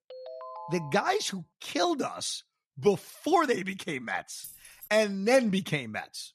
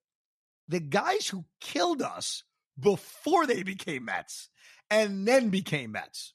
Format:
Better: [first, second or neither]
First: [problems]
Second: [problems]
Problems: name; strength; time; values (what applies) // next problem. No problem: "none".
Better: second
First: phone ringing; faint; until 1 s; peak 15 dB below the speech // jangling keys; faint; at 4.5 s; peak 15 dB below the speech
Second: none